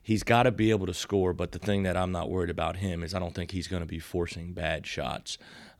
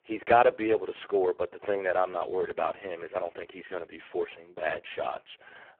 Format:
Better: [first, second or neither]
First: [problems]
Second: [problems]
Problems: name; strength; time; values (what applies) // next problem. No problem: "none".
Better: first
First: none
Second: phone-call audio; poor line